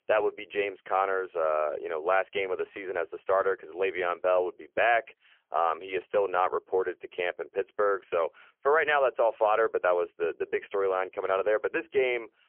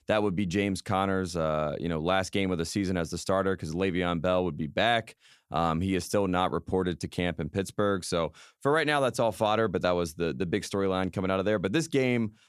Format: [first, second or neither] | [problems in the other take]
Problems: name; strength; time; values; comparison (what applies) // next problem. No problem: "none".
second | phone-call audio; poor line; nothing above 3 kHz